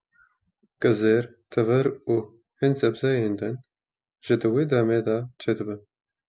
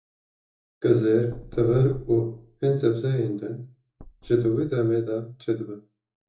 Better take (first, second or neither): first